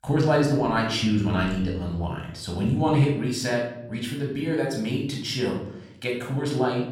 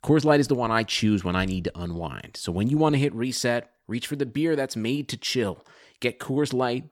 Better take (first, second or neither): second